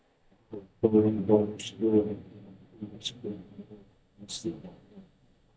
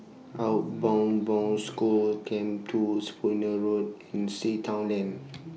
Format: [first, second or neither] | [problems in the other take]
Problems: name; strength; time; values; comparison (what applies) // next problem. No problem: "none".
second | noise reduction (neural mask model DeepFilterNet 3)